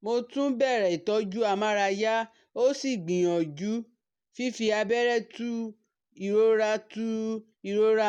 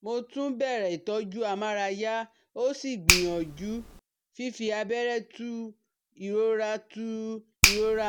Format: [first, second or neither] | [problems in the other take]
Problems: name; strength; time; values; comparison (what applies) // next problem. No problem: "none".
first | background sound (Finger snapping); 2 dB below the speech